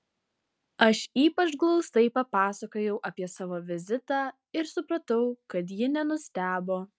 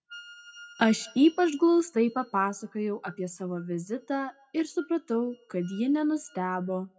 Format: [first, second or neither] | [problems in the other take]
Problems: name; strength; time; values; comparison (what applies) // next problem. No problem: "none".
first | noise reduction (classical method WPE with log-MMSE)